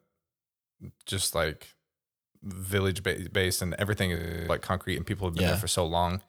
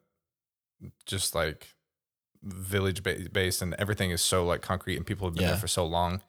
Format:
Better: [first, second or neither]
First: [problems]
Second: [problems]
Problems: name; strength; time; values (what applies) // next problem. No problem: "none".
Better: second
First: audio freezing; at 4 s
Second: none